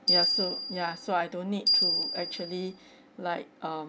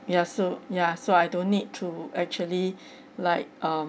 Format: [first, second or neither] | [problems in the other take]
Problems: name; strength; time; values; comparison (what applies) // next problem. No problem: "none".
second | background sound (Bell); 4 dB above the speech